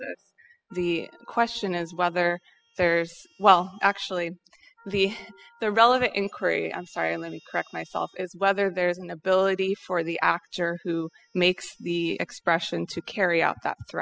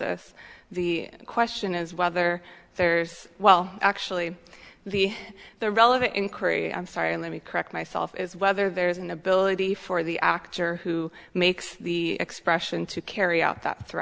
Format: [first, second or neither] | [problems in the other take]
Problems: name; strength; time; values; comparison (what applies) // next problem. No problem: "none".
second | noise reduction (classical method spectral subtraction)